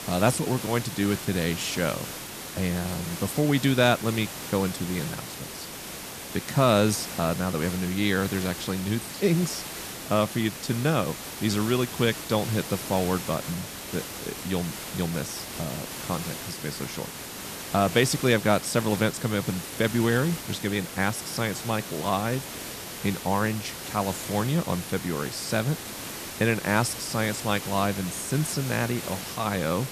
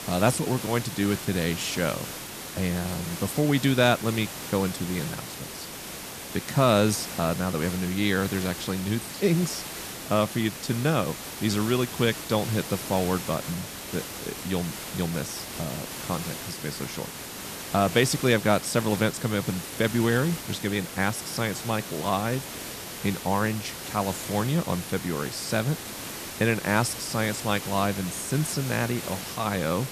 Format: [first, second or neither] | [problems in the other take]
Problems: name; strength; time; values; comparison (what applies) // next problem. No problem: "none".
neither | hiss; loud; throughout; 8 dB below the speech; the same in both